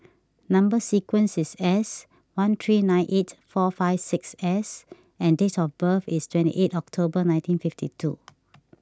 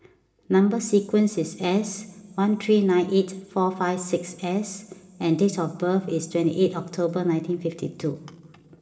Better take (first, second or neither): first